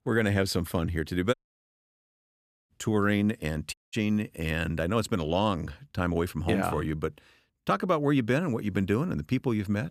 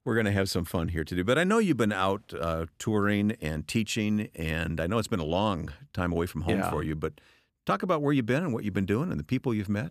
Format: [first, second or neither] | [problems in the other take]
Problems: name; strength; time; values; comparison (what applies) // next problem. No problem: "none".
second | audio cutting out; at 1.5 s for 1.5 s and at 3.5 s